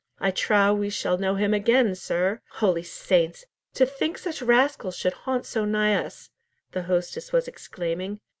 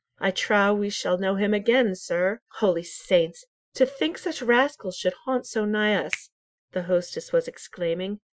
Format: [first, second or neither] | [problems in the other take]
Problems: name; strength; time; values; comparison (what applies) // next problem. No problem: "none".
first | noise reduction (classical method Wiener filter)